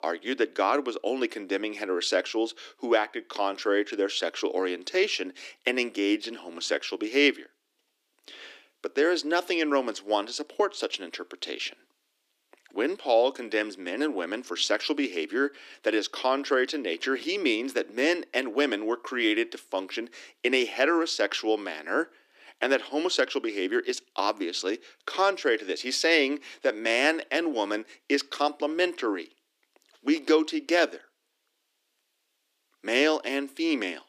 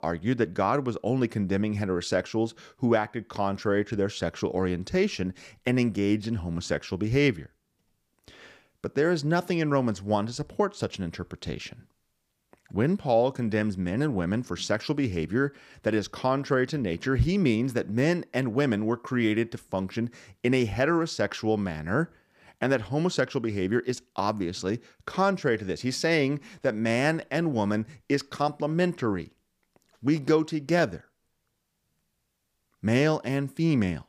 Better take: second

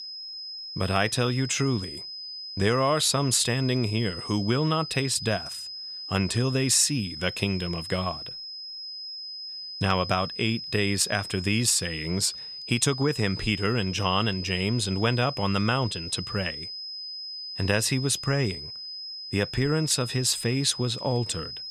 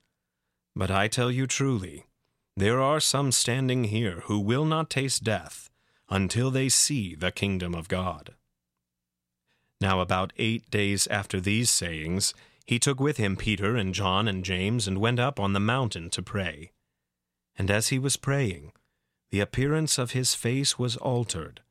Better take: second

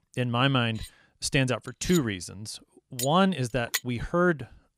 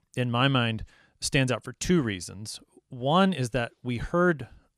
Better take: second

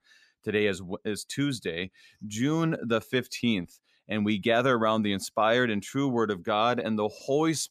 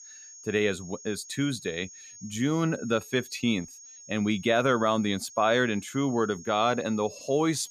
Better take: first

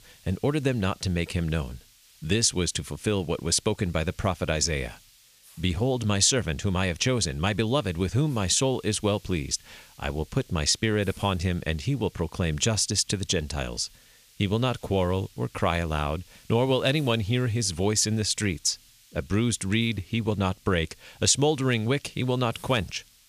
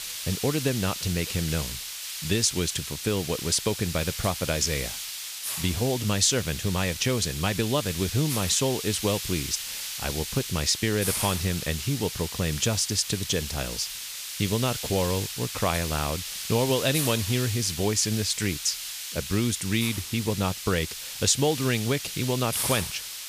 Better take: first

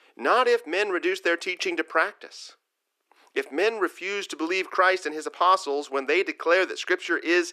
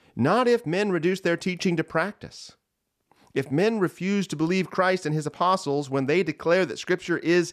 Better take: second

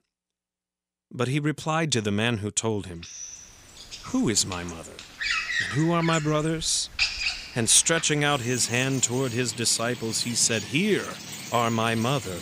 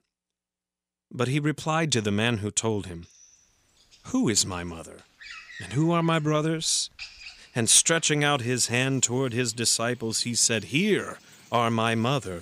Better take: second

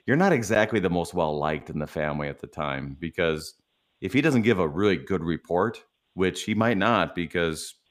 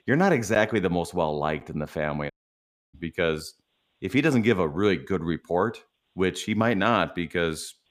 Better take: first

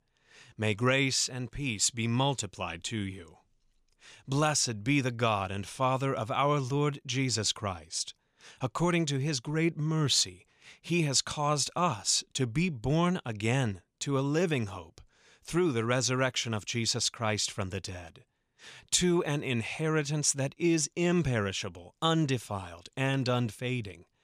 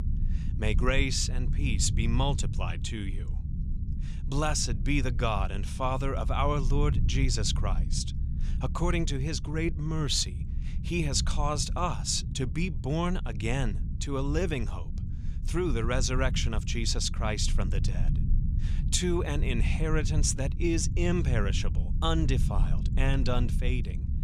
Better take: first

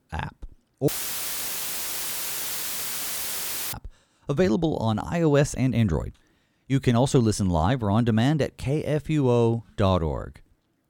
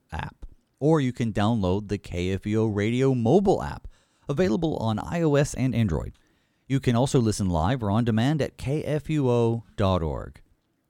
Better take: second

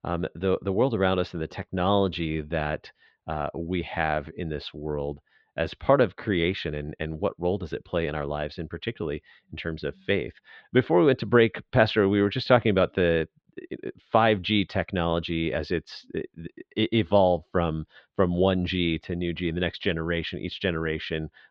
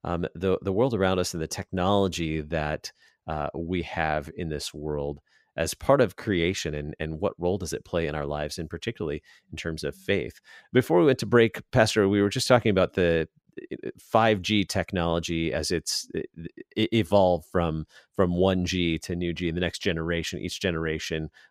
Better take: second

